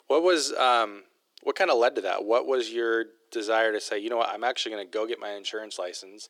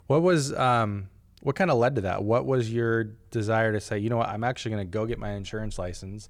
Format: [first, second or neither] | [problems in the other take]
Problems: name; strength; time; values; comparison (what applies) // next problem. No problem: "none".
second | thin; very; fading below 350 Hz